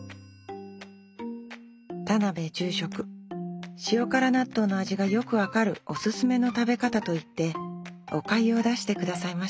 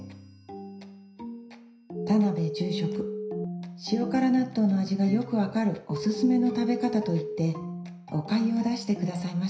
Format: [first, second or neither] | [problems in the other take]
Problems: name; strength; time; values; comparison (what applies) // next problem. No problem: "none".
first | background sound (Telephone); 12 dB below the speech // room echo; dies away in 0.5 s